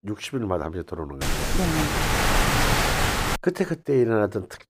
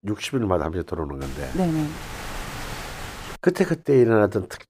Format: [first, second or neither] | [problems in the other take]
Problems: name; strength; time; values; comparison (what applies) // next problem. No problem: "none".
second | wind noise on the microphone; heavy; from 1 to 3.5 s; 5 dB above the speech; occasional gusts in the second